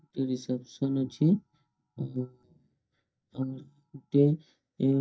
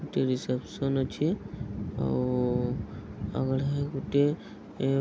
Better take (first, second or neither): second